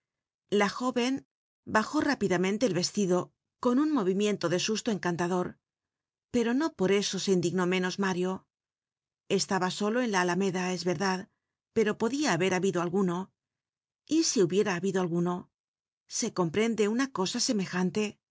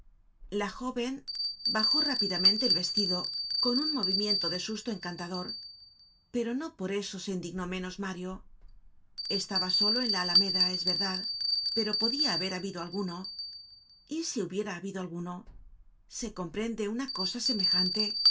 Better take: first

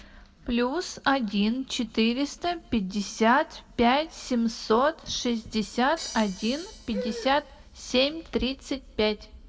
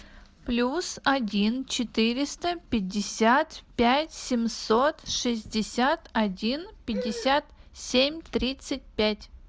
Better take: second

